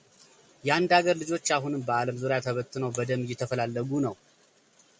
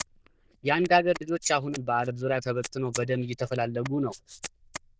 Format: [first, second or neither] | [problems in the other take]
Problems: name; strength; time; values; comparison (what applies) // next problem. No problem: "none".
first | noise reduction (neural diffusion model UNIVERSE++)